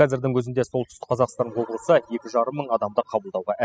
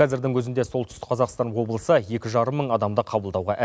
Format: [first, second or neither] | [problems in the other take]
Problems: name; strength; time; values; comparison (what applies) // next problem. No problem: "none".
second | noise reduction (classical method spectral subtraction)